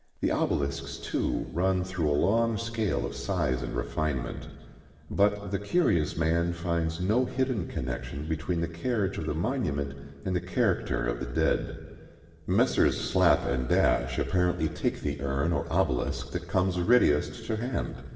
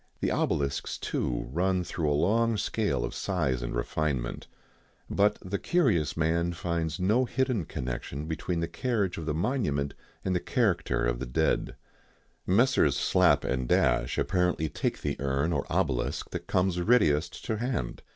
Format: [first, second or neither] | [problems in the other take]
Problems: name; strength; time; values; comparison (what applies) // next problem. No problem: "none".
second | room echo; dies away in 2 s